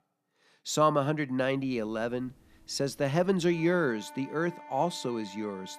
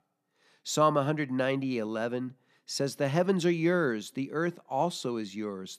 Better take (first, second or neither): second